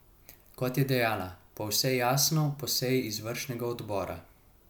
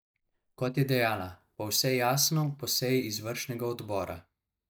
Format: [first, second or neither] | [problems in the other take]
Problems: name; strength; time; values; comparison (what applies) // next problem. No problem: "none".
first | noise reduction (neural mask model DeepFilterNet 3)